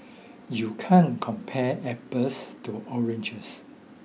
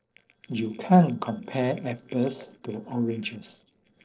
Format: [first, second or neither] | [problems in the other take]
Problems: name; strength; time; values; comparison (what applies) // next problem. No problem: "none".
first | noise reduction (neural separator model SepFormer DNS4)